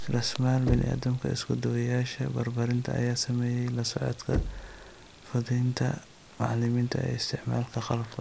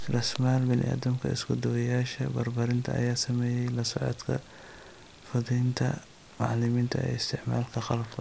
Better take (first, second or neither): second